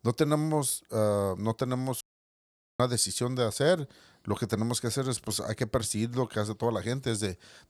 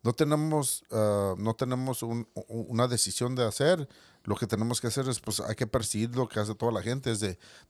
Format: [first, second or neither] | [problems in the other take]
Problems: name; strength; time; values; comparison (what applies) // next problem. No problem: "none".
second | audio cutting out; at 2 s for 1 s